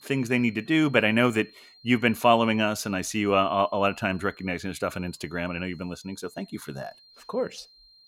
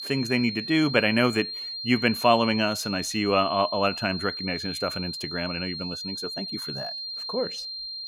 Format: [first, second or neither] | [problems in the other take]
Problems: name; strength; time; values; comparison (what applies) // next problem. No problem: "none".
first | high-pitched whine; loud; throughout; 4 kHz, 6 dB below the speech; faint in the first